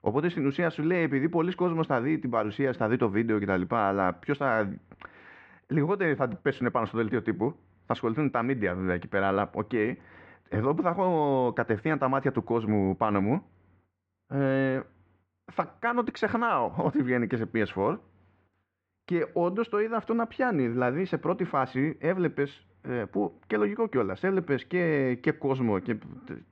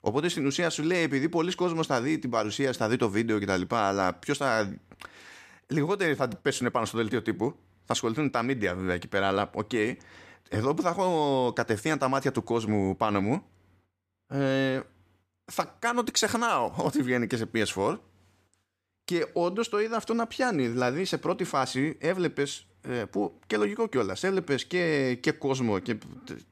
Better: second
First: muffled; very; fading above 2 kHz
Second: none

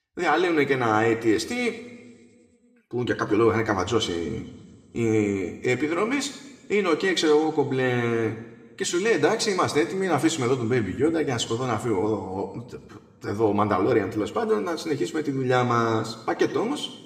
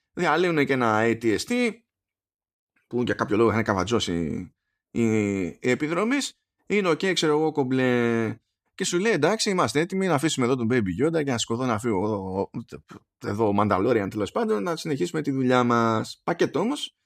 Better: second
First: room echo; slight; dies away in 1.1 s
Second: none

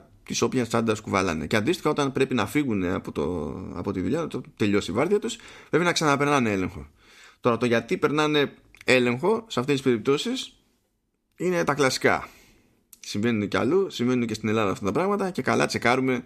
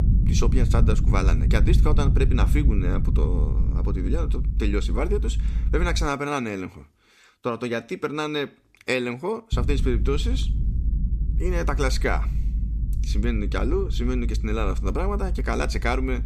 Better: first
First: none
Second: low rumble; noticeable; until 6 s and from 9.5 s on; 10 dB below the speech

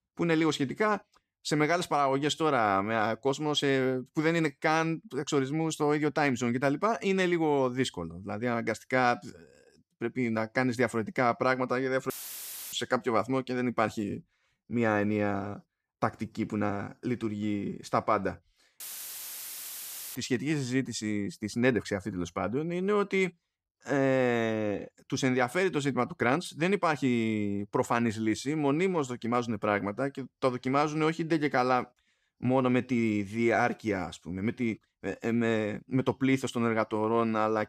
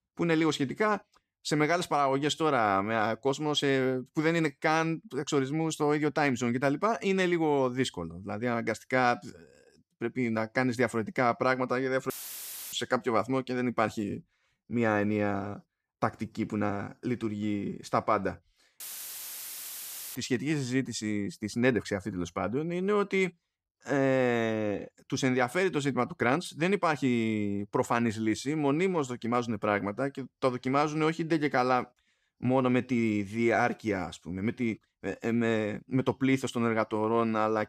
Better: neither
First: audio cutting out; filled with static; at 12 s for 0.5 s and at 19 s for 1.5 s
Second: audio cutting out; filled with static; at 12 s for 0.5 s and at 19 s for 1.5 s

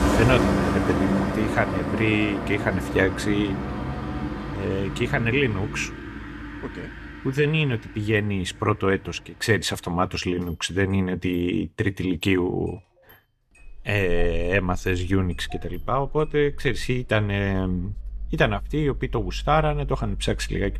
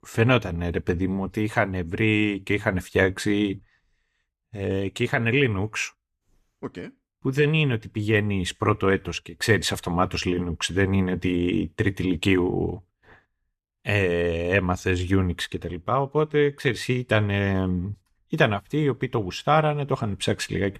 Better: second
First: traffic noise; loud; throughout; 6 dB below the speech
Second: none

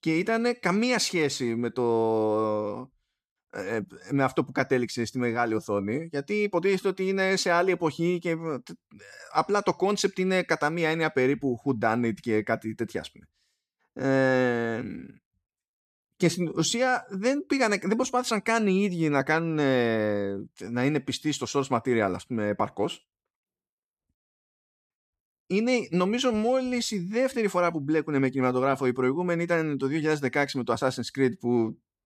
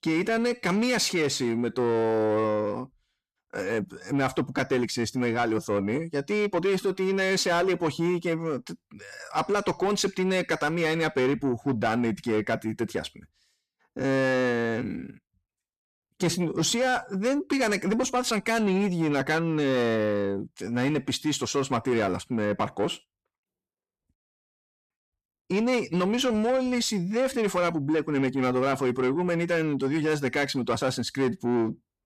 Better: first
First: none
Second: distortion; slight; 10 dB below the speech

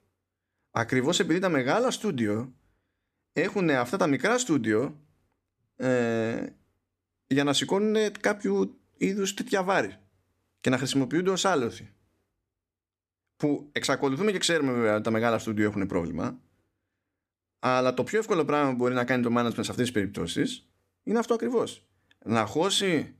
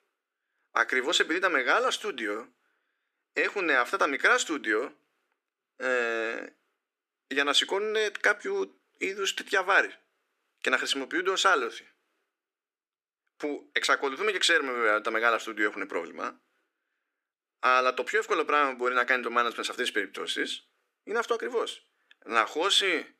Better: first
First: none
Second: thin; very; fading below 350 Hz

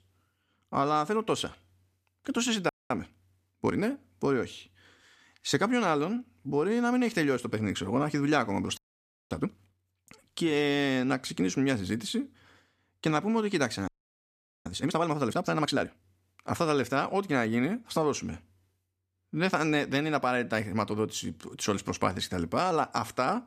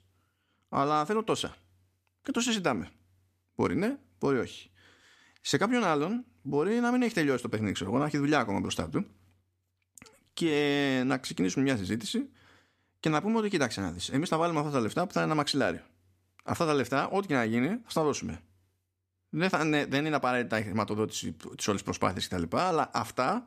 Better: second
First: audio freezing; at 2.5 s, at 9 s for 0.5 s and at 14 s for 1 s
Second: none

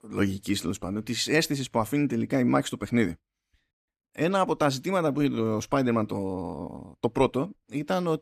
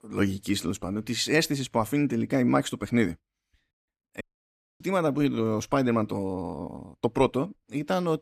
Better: first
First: none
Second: audio cutting out; at 4 s for 0.5 s

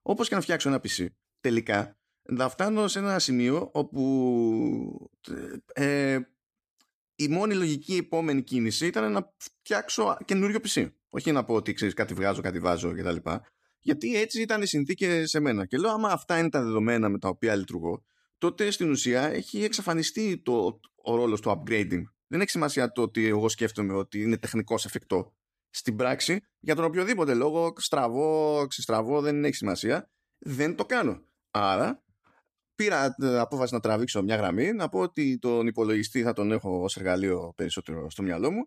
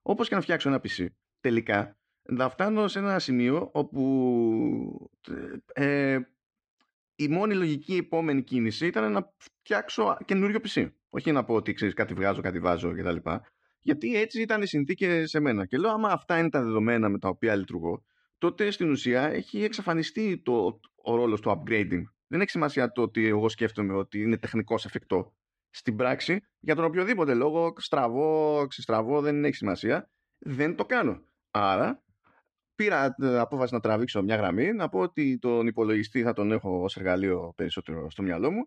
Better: first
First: none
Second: muffled; slightly; fading above 2.5 kHz

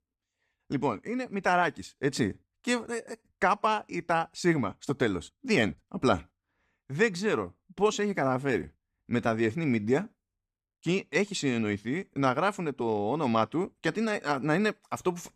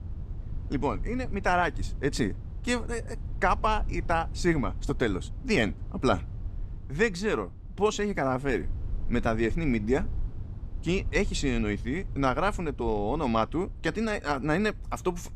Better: first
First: none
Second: low rumble; faint; throughout; 25 dB below the speech

